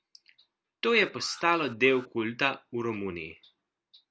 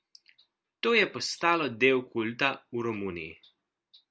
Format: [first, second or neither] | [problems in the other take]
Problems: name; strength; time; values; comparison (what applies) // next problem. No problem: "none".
second | background sound (Alarm); 19 dB below the speech